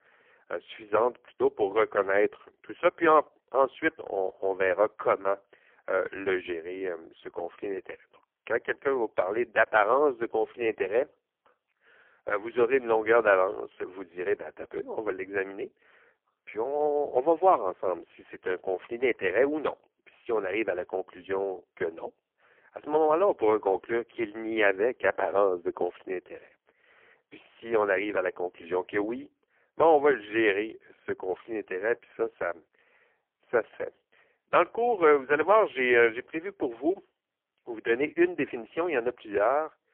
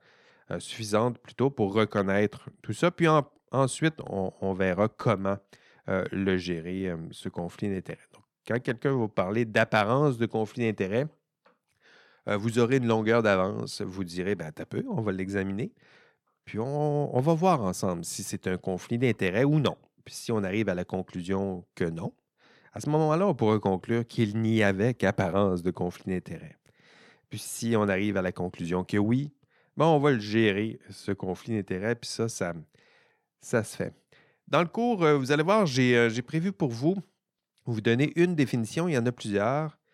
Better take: second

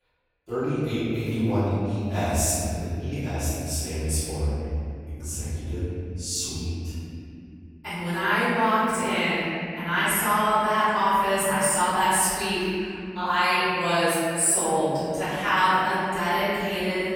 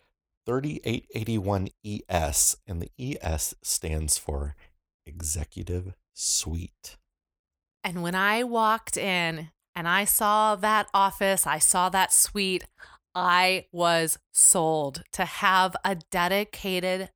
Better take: second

